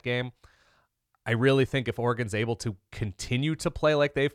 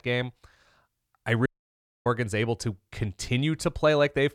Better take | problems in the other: first | audio cutting out; at 1.5 s for 0.5 s

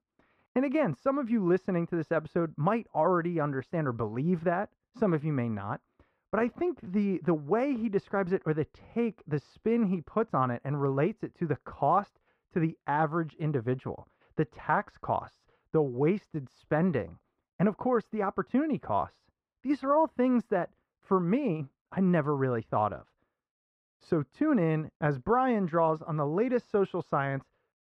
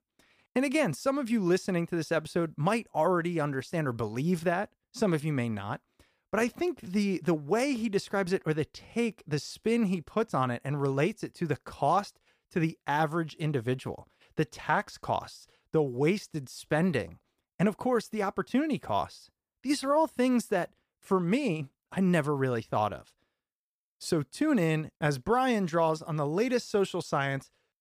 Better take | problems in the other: second | muffled; very; fading above 3.5 kHz

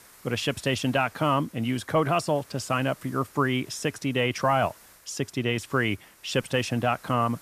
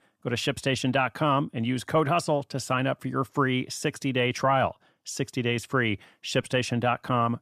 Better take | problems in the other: second | hiss; faint; throughout; 25 dB below the speech

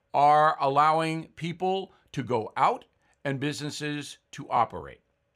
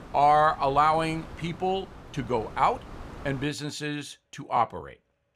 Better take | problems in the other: first | wind noise on the microphone; occasional gusts; until 3.5 s; 20 dB below the speech

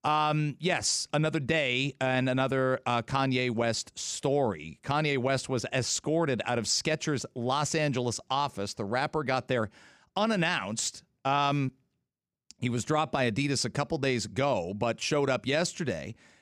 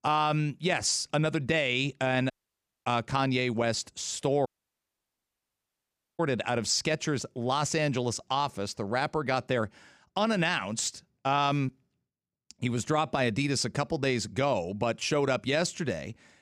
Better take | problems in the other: first | audio cutting out; at 2.5 s for 0.5 s and at 4.5 s for 1.5 s

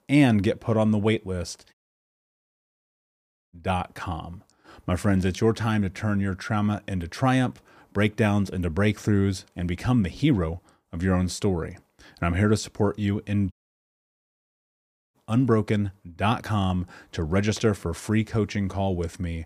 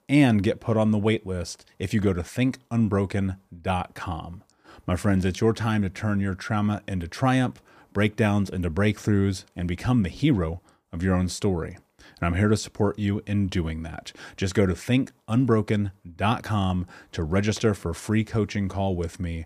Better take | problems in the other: second | audio cutting out; at 1.5 s for 2 s and at 14 s for 1.5 s

